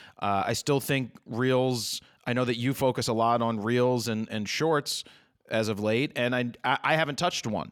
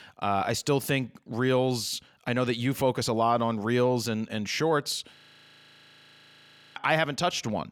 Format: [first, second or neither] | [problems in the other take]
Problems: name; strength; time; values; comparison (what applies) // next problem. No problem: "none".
first | audio freezing; at 5 s for 1.5 s